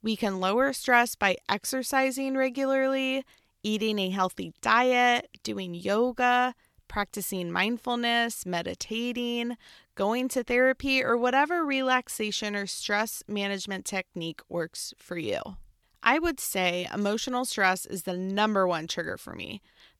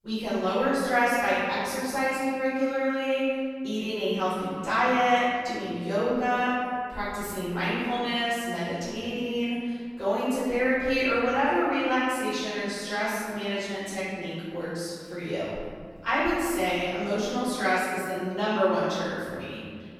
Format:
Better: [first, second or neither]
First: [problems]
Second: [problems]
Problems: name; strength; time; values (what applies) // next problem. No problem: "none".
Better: first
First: none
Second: off-mic speech; far // room echo; strong; dies away in 2.1 s